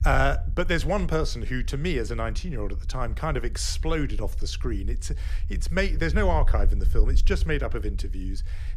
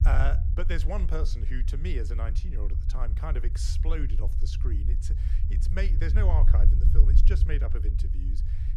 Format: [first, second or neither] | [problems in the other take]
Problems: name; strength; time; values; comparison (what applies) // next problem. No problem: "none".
first | low rumble; loud; throughout; 7 dB below the speech; faint in the first